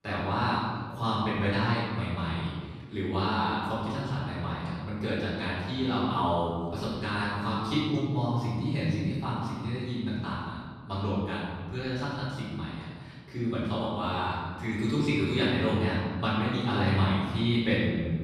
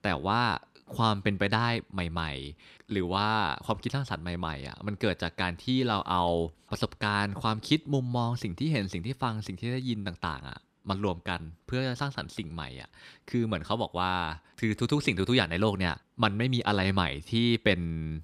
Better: second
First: room echo; strong; dies away in 1.6 s // off-mic speech; far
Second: none

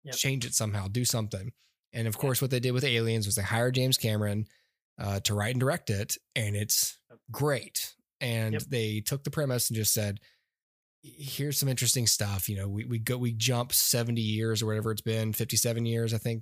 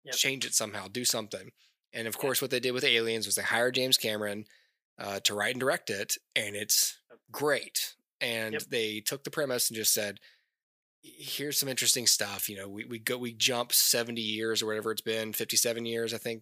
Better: first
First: none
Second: thin; somewhat; fading below 350 Hz

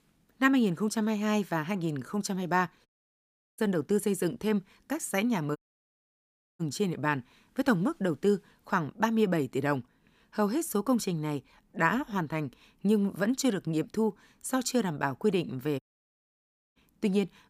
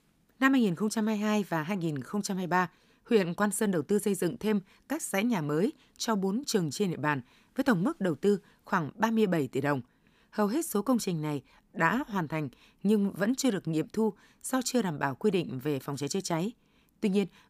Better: second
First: audio cutting out; at 3 s for 0.5 s, at 5.5 s for 1 s and at 16 s for 1 s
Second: none

